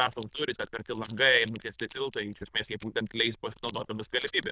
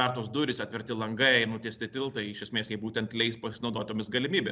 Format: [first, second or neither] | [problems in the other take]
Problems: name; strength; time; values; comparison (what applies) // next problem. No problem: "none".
second | noise reduction (neural diffusion model UNIVERSE++)